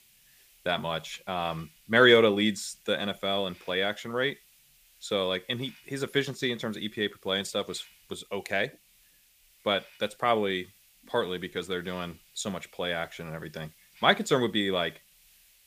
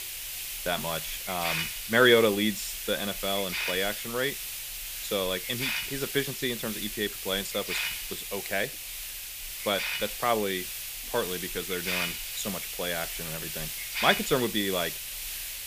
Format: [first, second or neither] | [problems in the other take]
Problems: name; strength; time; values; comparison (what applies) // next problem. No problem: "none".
first | hiss; loud; throughout; 3 dB below the speech; faint in the first